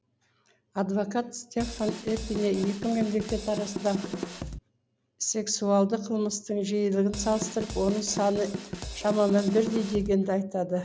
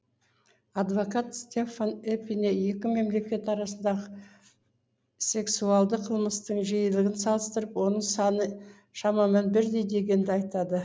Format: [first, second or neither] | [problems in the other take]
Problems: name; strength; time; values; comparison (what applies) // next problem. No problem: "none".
second | background sound (Drum kit); 8 dB below the speech